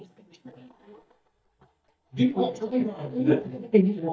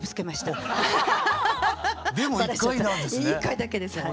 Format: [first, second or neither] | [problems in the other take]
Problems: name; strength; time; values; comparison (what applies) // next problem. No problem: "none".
second | noise reduction (neural mask model DeepFilterNet 3)